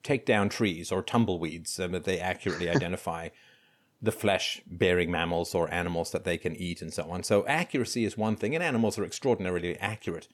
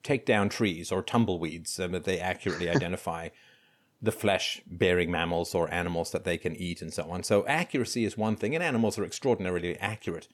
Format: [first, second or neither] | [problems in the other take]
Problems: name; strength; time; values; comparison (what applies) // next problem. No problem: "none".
neither | none